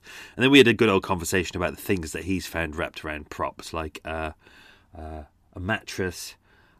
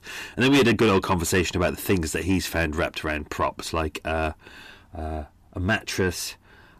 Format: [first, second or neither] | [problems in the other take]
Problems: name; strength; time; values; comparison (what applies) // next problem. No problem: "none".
first | distortion; heavy; 5 dB below the speech